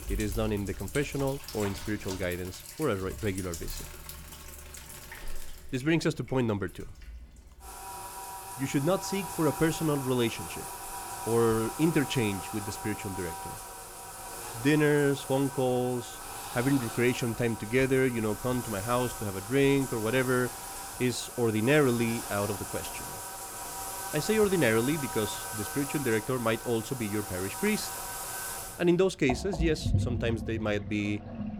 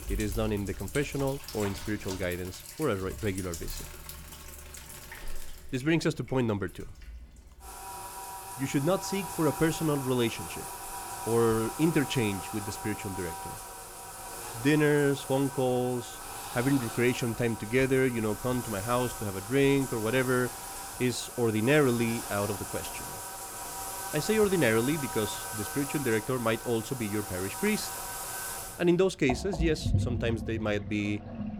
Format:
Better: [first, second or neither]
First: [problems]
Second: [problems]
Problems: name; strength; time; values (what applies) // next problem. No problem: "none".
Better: neither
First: household noises; loud; throughout; 8 dB below the speech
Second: household noises; loud; throughout; 8 dB below the speech